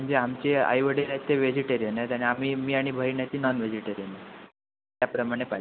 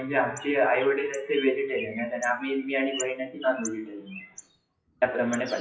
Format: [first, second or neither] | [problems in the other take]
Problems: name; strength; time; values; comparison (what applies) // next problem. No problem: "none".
first | noise reduction (classical method WPE with log-MMSE)